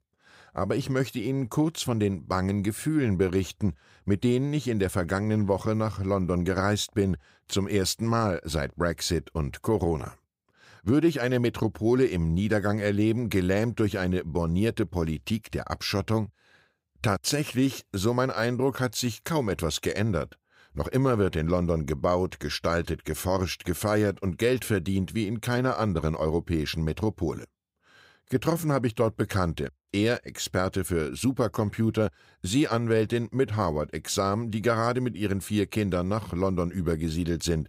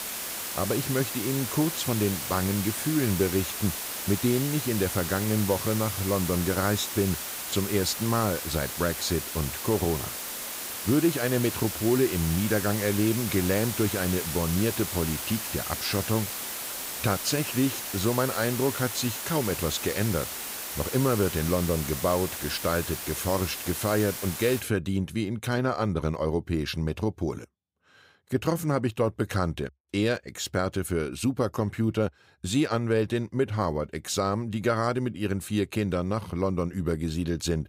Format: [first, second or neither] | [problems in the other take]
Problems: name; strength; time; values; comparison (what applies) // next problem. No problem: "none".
first | hiss; loud; until 25 s; 4 dB below the speech